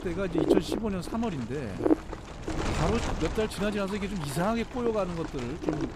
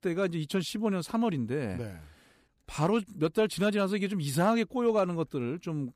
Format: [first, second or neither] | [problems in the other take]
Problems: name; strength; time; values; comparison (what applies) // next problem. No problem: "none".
second | wind noise on the microphone; heavy; 1 dB below the speech